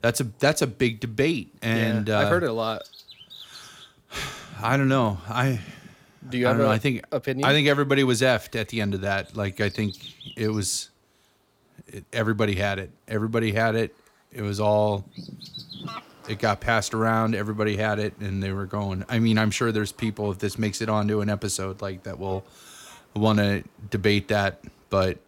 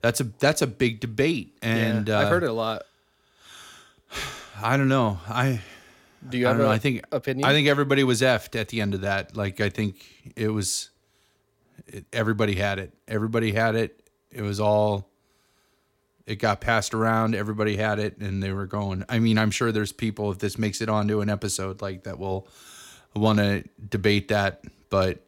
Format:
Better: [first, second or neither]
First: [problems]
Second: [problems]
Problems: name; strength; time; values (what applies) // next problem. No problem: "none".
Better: second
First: animal sounds; faint; throughout; 20 dB below the speech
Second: none